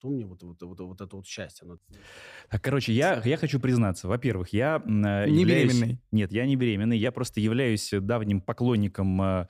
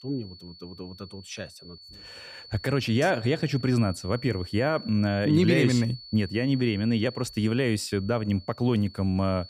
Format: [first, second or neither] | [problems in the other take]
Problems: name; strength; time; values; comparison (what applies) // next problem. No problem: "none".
first | high-pitched whine; noticeable; throughout; 4.5 kHz, 20 dB below the speech